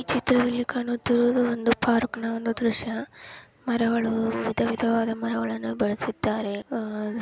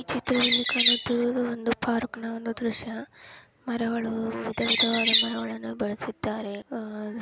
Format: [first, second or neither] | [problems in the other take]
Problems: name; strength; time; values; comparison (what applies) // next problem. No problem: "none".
first | background sound (Bird); 4 dB above the speech